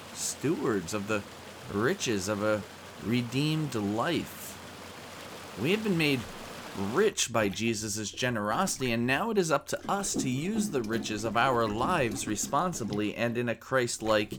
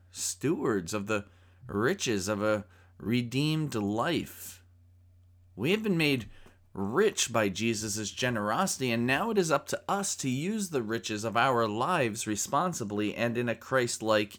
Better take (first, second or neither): second